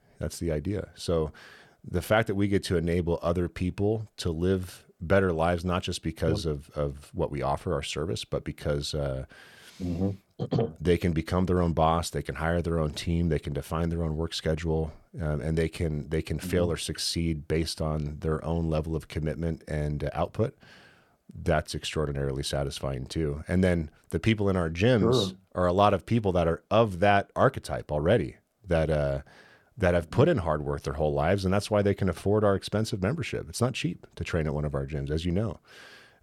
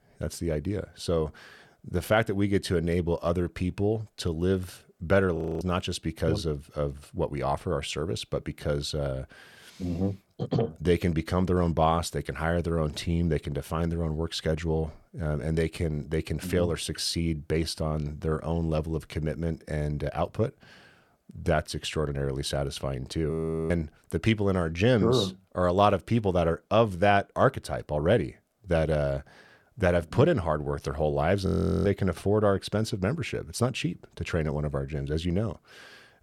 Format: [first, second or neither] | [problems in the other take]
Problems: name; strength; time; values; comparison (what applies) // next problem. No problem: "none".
first | audio freezing; at 5.5 s, at 23 s and at 31 s